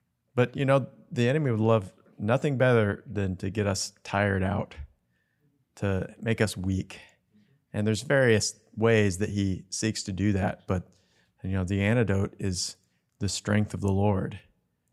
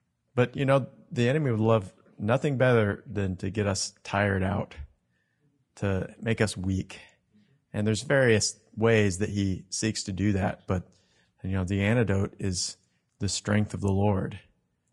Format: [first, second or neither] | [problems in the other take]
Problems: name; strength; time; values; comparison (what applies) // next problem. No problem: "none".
first | garbled, watery; slightly